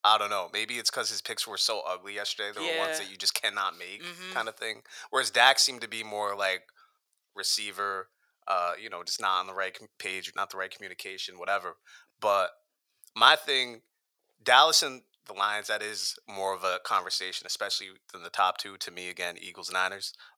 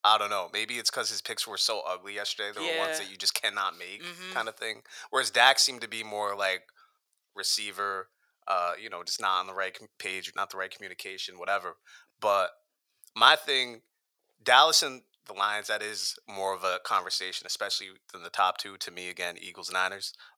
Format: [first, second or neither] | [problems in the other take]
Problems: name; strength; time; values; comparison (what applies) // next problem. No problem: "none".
neither | thin; very; fading below 600 Hz; the same in both